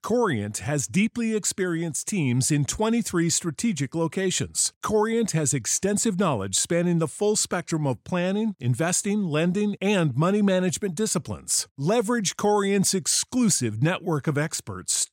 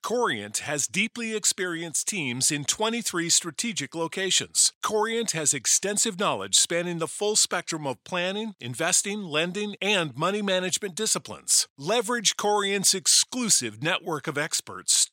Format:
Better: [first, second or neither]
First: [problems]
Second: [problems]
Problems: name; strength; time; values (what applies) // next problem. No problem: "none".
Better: first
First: none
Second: thin; somewhat; fading below 700 Hz